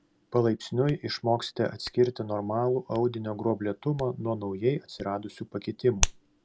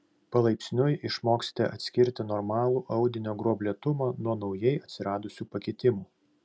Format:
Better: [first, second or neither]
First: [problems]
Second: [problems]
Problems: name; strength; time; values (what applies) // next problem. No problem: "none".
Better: second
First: background sound (Hands); 10 dB below the speech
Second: none